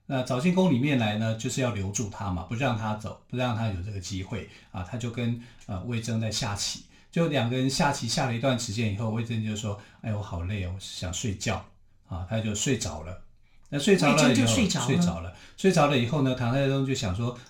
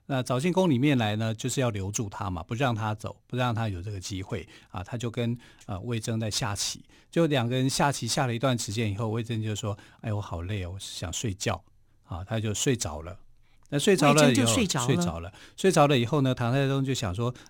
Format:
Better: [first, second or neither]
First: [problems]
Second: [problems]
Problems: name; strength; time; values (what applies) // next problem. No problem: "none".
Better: second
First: room echo; very slight; dies away in 0.3 s // off-mic speech; somewhat distant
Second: none